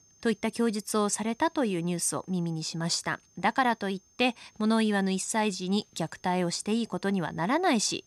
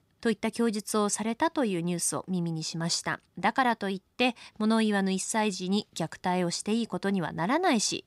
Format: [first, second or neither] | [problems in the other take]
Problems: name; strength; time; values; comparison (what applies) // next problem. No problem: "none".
second | high-pitched whine; faint; throughout; 6.5 kHz, 30 dB below the speech